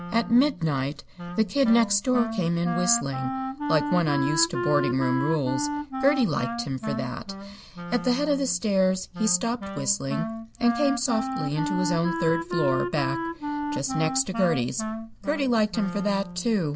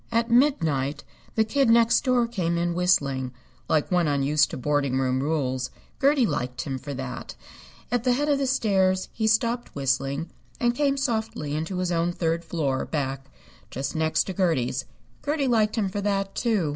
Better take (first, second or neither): second